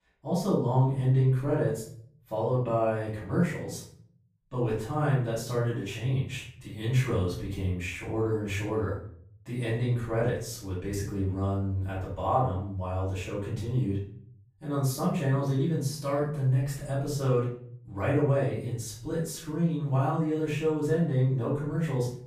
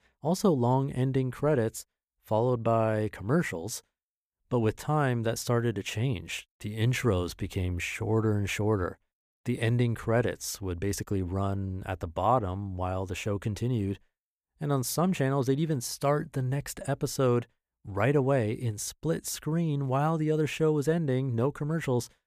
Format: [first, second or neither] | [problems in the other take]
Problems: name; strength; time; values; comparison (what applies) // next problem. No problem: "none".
second | off-mic speech; far // room echo; noticeable; dies away in 0.5 s